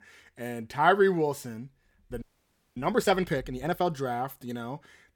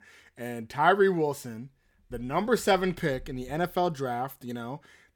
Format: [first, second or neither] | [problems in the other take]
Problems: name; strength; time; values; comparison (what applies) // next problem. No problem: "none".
second | audio freezing; at 2 s for 0.5 s